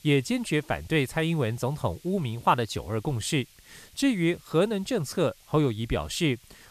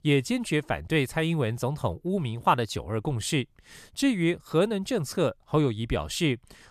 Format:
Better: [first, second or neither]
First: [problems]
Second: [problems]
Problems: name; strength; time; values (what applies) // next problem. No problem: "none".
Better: second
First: hiss; faint; throughout; 25 dB below the speech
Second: none